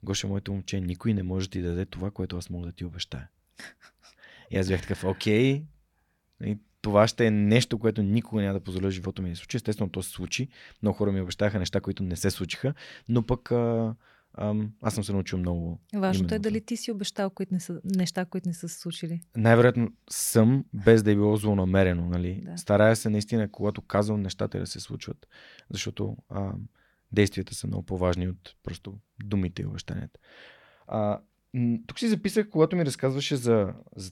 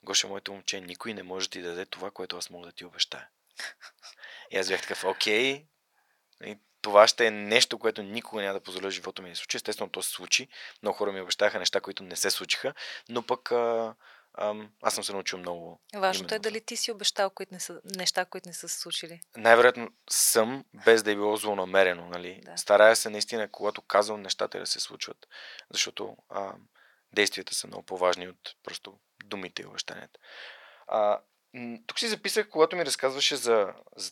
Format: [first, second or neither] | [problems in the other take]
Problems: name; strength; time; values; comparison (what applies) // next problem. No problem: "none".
first | thin; very; fading below 700 Hz